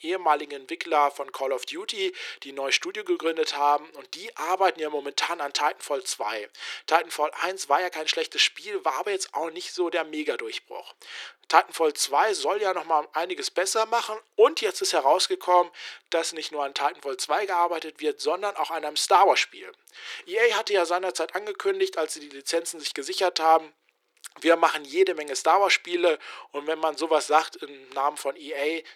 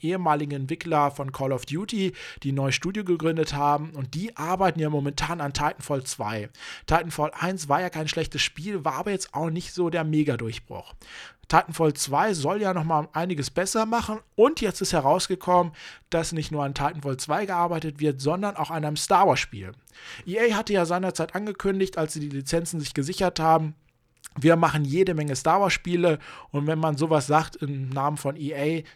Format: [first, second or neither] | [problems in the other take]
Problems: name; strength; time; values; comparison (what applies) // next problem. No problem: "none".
second | thin; very; fading below 350 Hz